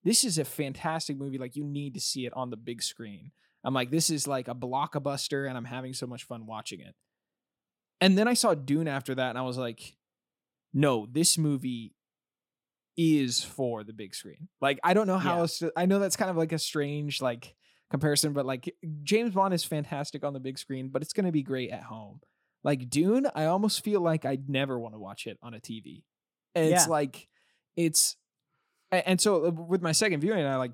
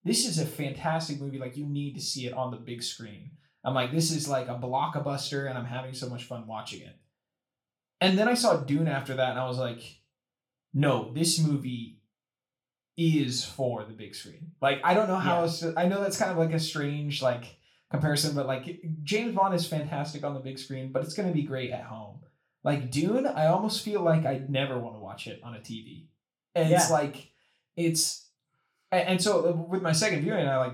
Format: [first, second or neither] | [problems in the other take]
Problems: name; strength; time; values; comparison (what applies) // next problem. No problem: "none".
first | room echo; slight; dies away in 0.3 s // off-mic speech; somewhat distant